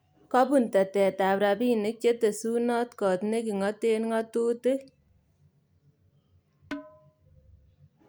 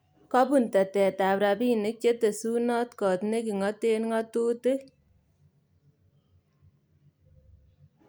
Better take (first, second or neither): second